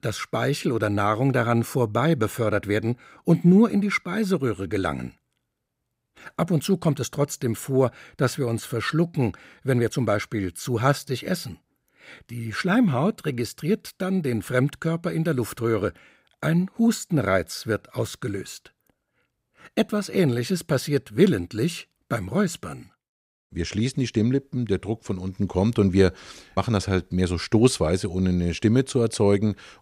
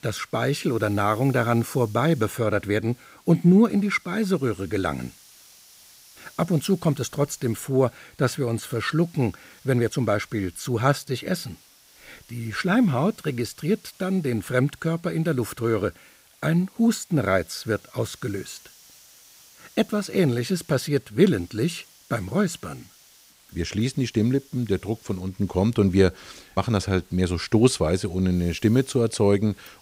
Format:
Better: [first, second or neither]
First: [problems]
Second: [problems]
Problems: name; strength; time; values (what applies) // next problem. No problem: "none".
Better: first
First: none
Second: hiss; faint; throughout; 25 dB below the speech